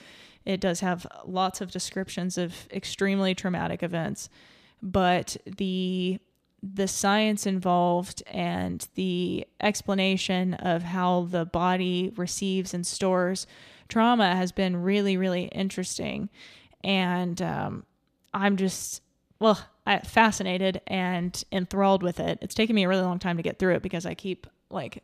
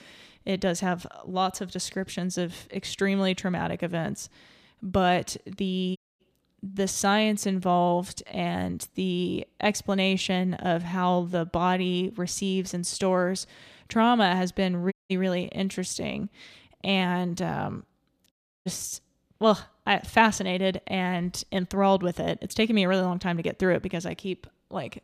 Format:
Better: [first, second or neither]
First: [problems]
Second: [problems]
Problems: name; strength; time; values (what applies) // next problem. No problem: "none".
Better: first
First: none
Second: audio cutting out; at 6 s, at 15 s and at 18 s